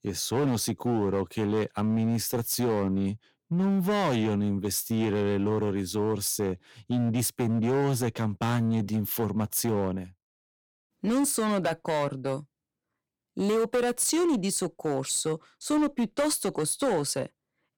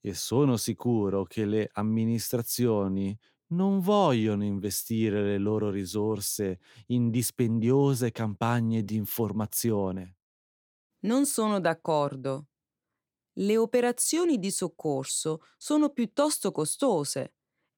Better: second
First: distortion; slight; 12% of the sound clipped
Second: none

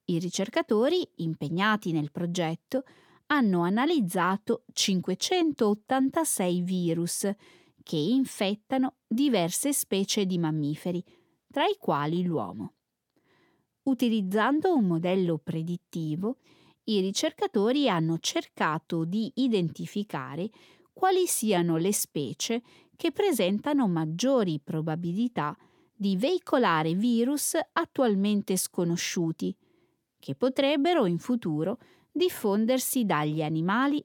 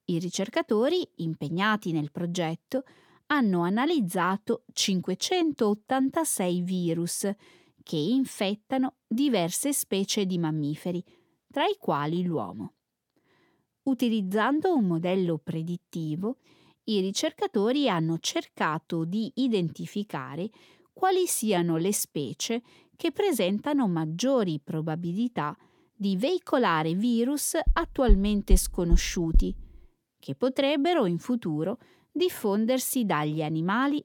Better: first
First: none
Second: door banging; noticeable; from 28 to 29 s; peak 1 dB below the speech

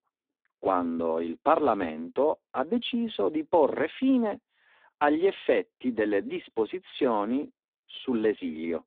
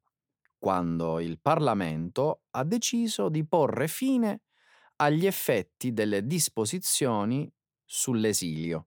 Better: second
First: phone-call audio; poor line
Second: none

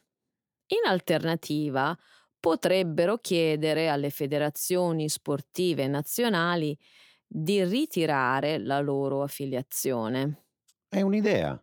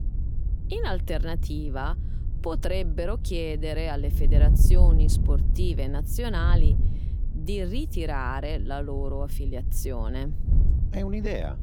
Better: first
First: none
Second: wind noise on the microphone; occasional gusts; 10 dB below the speech

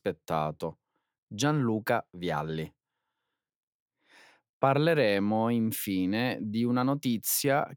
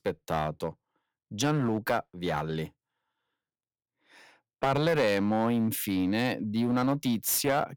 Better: first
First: none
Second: distortion; slight; 5% of the sound clipped

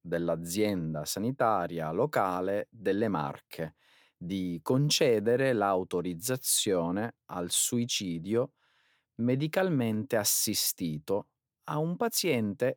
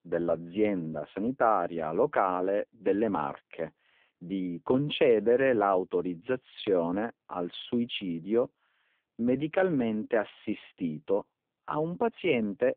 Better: first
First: none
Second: phone-call audio; poor line; nothing above 3.5 kHz

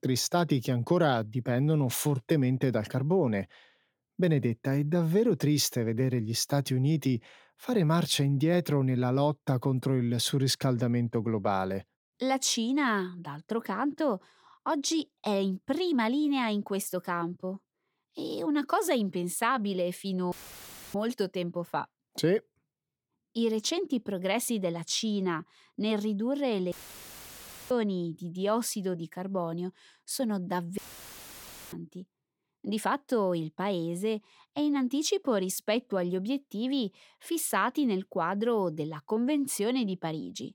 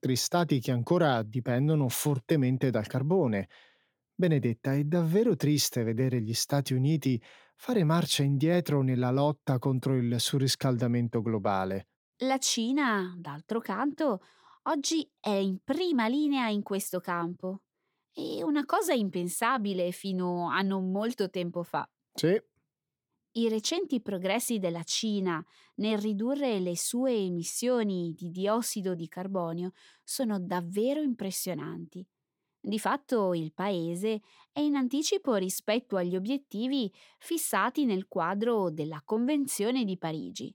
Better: second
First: audio cutting out; filled with static; at 20 s for 0.5 s, at 27 s for 1 s and at 31 s for 1 s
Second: none

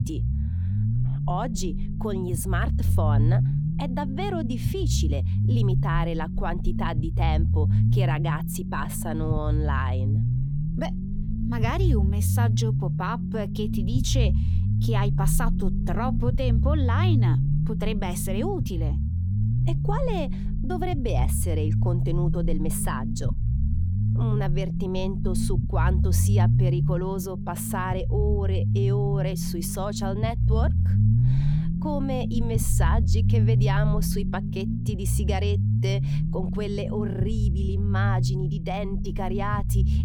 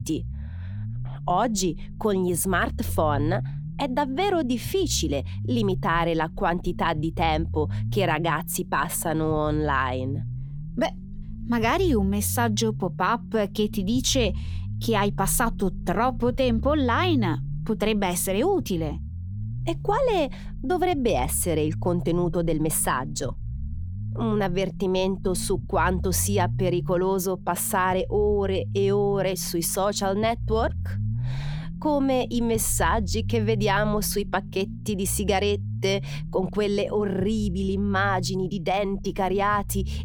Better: second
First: low rumble; loud; throughout; 5 dB below the speech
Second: low rumble; faint; throughout; 20 dB below the speech

